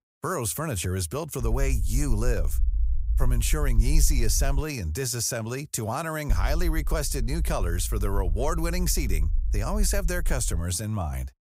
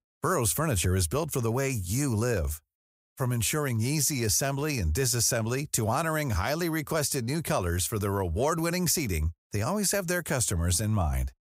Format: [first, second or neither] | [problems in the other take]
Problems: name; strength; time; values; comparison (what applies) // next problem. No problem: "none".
second | low rumble; faint; from 1.5 to 4.5 s and from 6.5 to 11 s; 20 dB below the speech